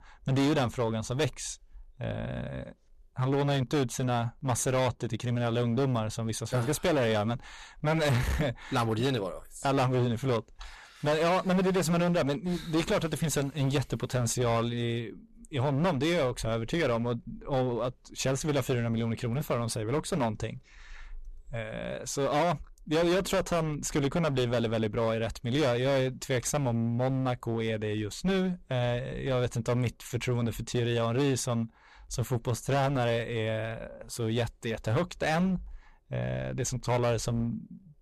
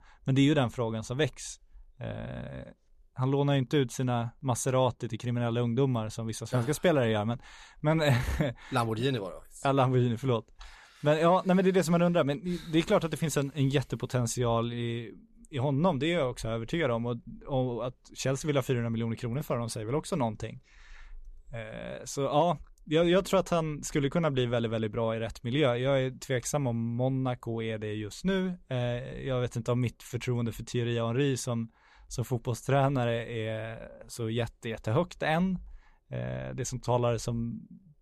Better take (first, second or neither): second